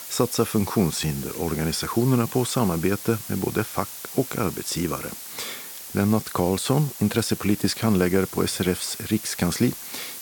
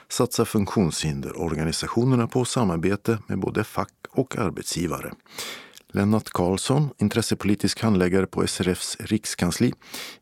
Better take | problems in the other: second | hiss; noticeable; throughout; 10 dB below the speech

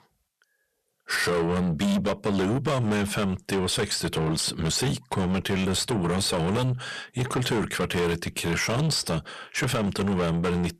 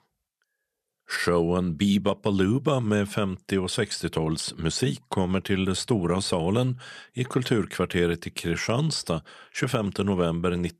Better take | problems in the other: second | distortion; heavy; 6 dB below the speech

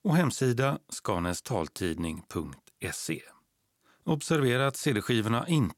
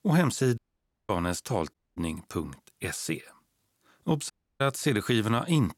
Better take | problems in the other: first | audio cutting out; at 0.5 s for 0.5 s, at 1.5 s and at 4.5 s

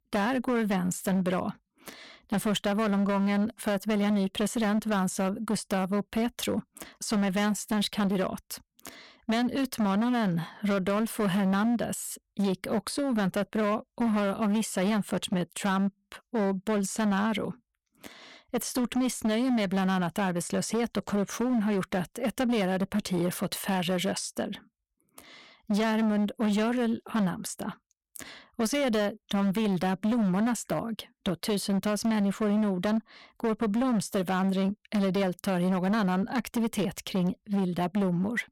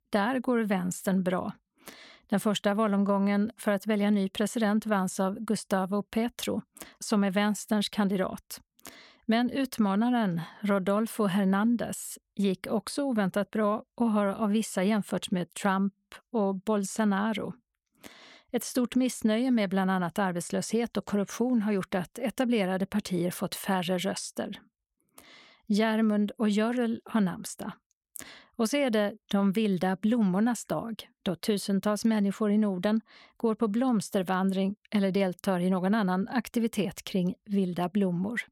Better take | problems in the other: second | distortion; slight; 17% of the sound clipped

